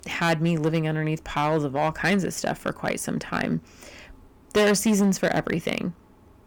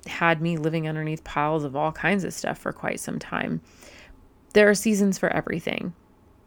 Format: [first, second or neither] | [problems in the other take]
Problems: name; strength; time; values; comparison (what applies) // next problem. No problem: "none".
second | distortion; heavy; 5% of the sound clipped